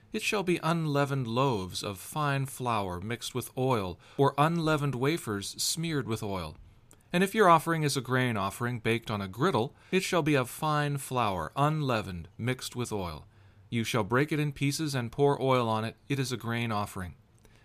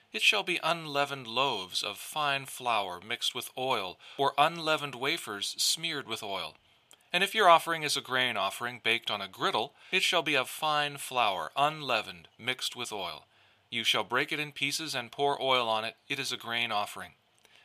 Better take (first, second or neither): first